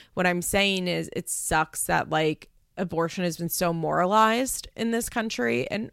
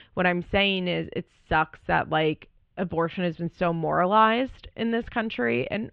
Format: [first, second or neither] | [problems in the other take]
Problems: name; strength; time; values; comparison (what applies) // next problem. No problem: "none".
first | muffled; very; fading above 3 kHz